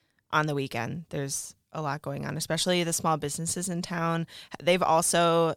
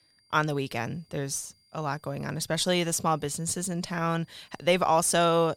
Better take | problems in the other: first | high-pitched whine; faint; throughout; 4.5 kHz, 35 dB below the speech

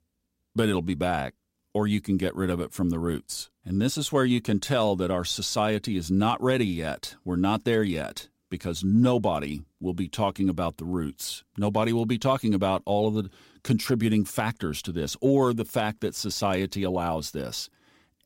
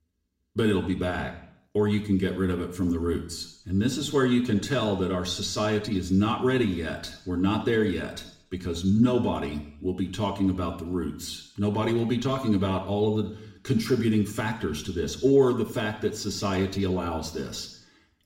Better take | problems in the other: first | room echo; slight; dies away in 0.7 s // off-mic speech; somewhat distant

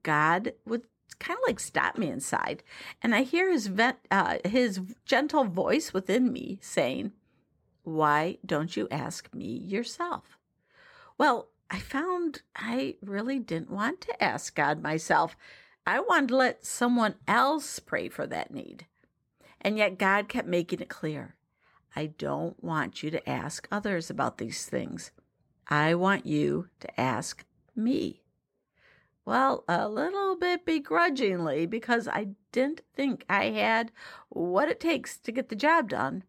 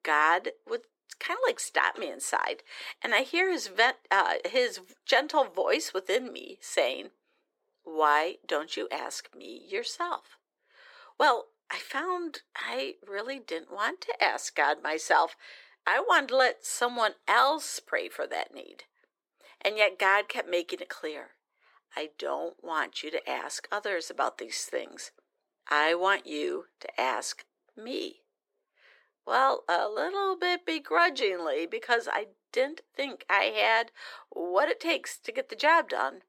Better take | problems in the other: first | thin; very; fading below 350 Hz

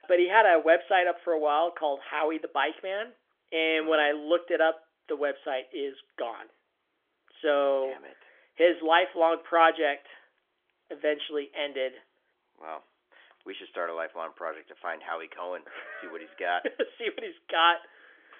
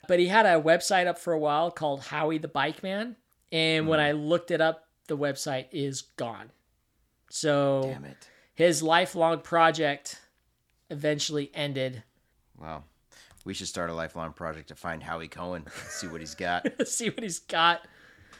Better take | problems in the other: second | phone-call audio; nothing above 3.5 kHz

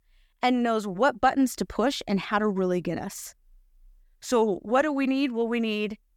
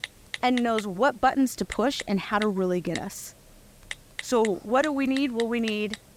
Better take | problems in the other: first | keyboard typing; noticeable; peak 10 dB below the speech

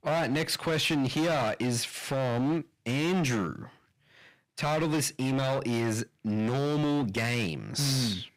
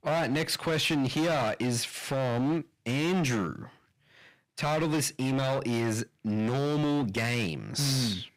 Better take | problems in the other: neither | distortion; heavy; 19% of the sound clipped; the same in both

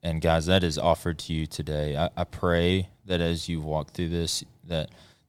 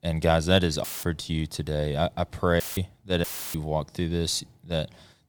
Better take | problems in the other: first | audio cutting out; filled with static; at 1 s, at 2.5 s and at 3 s

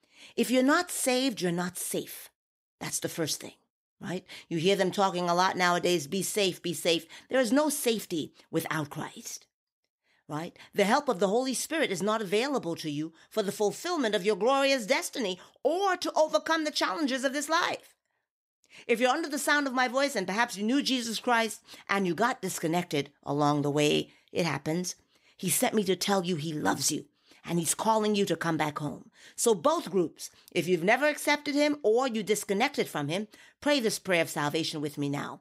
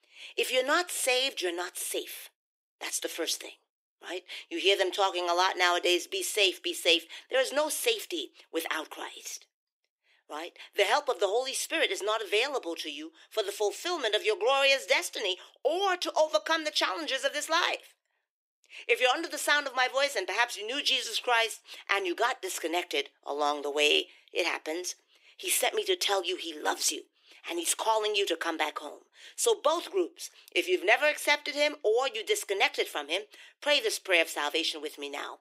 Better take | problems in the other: first | thin; very; fading below 350 Hz

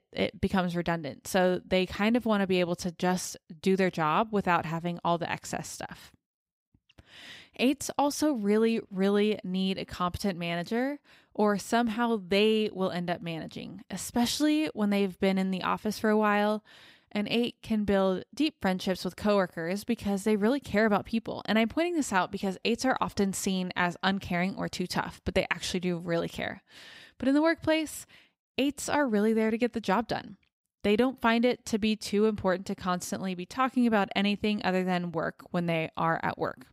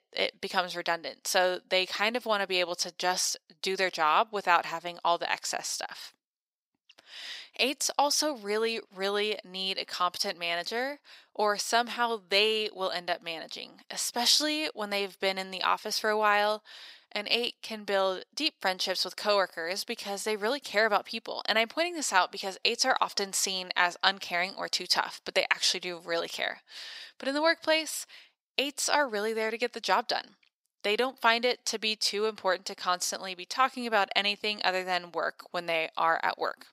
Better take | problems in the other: first | thin; very; fading below 600 Hz

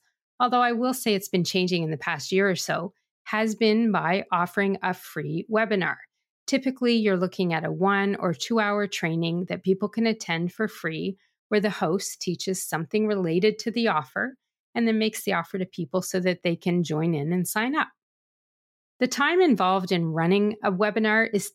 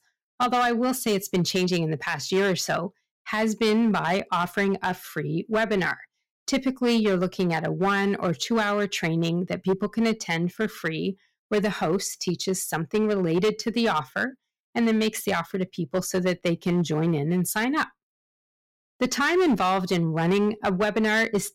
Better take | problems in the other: first | distortion; slight; 7% of the sound clipped

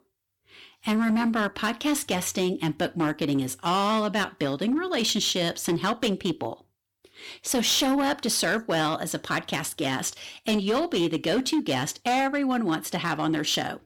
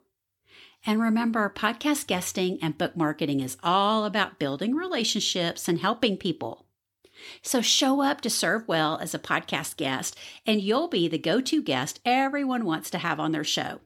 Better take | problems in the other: second | distortion; slight; 9% of the sound clipped

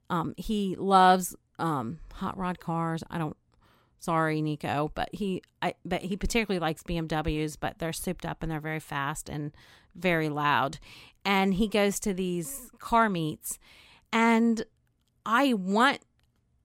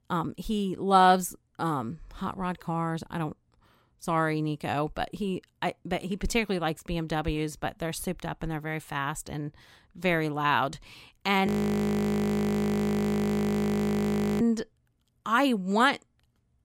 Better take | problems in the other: first | audio freezing; at 11 s for 3 s

